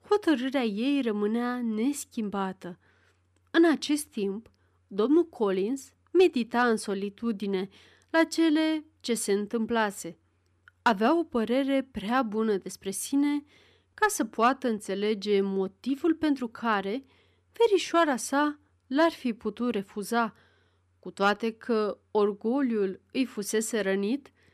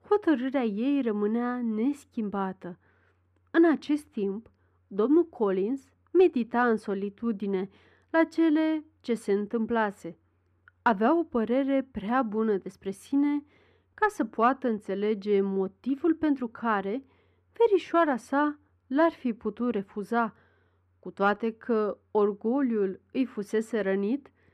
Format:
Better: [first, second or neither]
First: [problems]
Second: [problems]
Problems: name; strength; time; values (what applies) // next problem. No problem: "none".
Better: first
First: none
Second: muffled; slightly; fading above 3 kHz